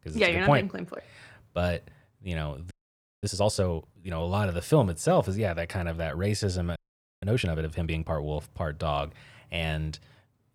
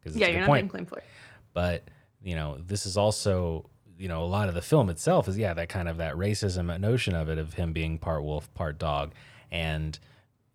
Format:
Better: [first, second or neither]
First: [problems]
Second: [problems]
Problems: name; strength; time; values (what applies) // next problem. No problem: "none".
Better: second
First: audio freezing; at 2.5 s for 0.5 s and at 7 s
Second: none